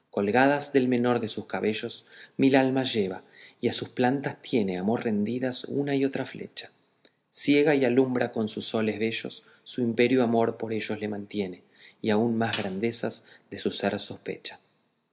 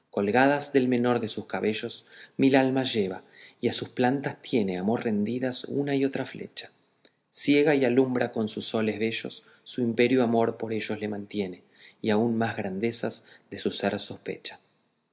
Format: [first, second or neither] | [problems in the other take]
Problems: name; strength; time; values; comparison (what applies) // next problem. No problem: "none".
second | background sound (Snare drum); 16 dB below the speech